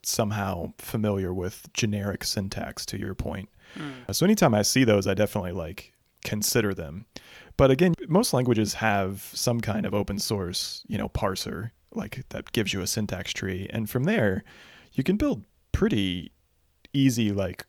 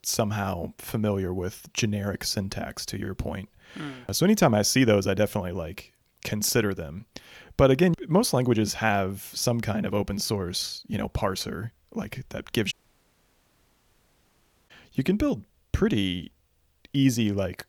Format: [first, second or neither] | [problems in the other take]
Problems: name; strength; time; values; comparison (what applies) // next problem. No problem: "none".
first | audio cutting out; at 13 s for 2 s